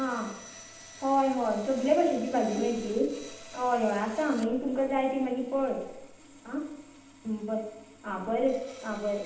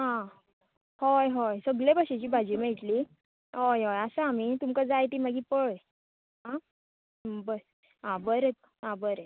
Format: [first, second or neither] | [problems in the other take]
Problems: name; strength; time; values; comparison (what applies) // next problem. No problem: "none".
second | background sound (Sawing); 18 dB below the speech // room echo; dies away in 0.8 s